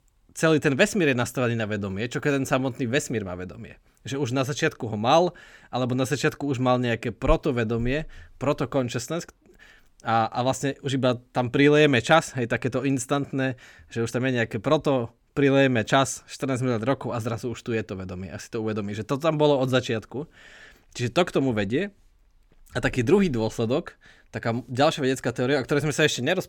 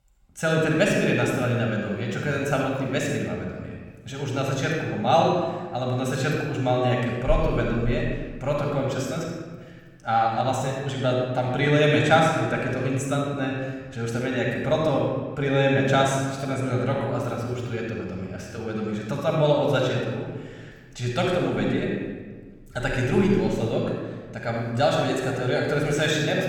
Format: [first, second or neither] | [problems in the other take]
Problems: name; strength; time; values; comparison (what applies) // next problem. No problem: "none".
first | off-mic speech; somewhat distant // room echo; noticeable; dies away in 1.2 s